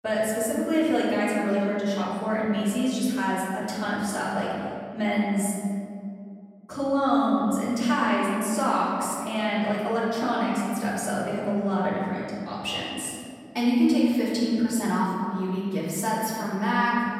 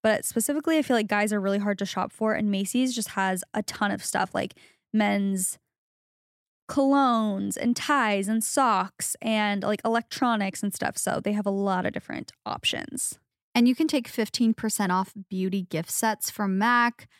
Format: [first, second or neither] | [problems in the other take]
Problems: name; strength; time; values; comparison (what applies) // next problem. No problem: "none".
second | off-mic speech; far // room echo; strong; dies away in 2.1 s